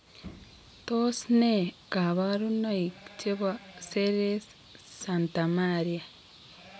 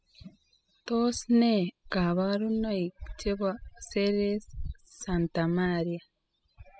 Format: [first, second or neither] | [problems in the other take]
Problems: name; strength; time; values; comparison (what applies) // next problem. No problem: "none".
first | noise reduction (classical method spectral subtraction)